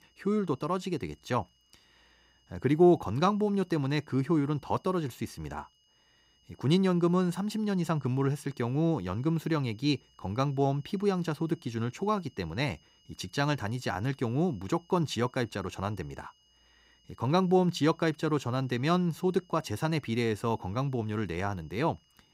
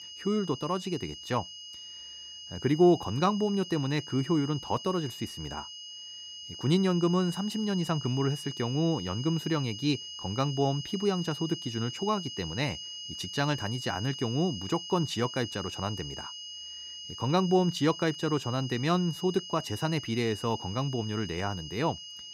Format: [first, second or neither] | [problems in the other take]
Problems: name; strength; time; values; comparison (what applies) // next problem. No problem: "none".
first | high-pitched whine; loud; throughout; 3 kHz, 10 dB below the speech; faint in the first